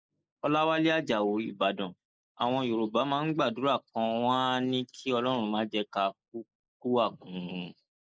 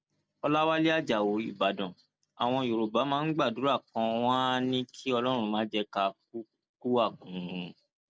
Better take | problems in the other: second | noise reduction (neural mask model Resemble Enhance denoiser)

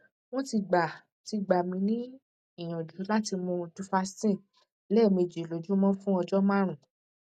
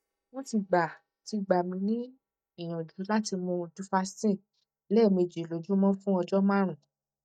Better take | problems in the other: first | noise reduction (neural mask model DeepFilterNet 3)

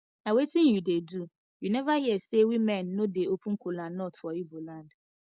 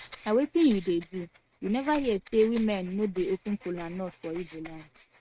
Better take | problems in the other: first | noise reduction (neural mask model RNNoise)

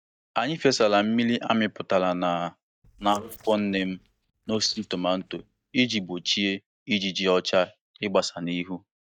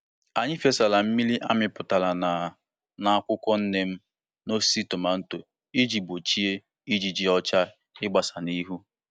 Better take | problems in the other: second | noise reduction (neural mask model DeepFilterNet 3)

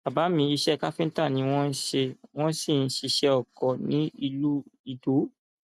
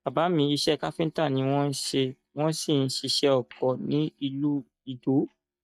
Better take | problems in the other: first | noise reduction (neural mask model DeepFilterNet 3)

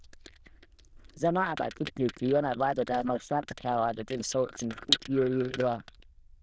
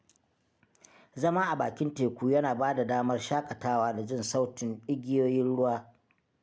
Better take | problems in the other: second | noise reduction (neural diffusion model UNIVERSE++)

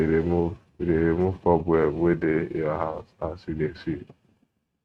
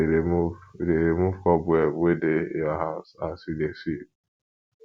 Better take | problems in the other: second | noise reduction (neural mask model RNNoise)

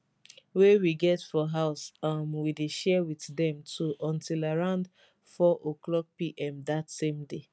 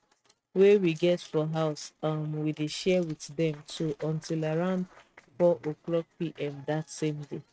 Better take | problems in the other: first | noise reduction (neural mask model RNNoise)

